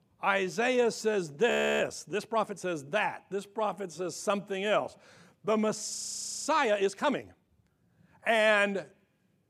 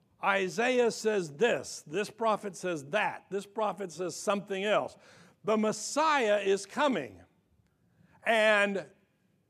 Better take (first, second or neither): second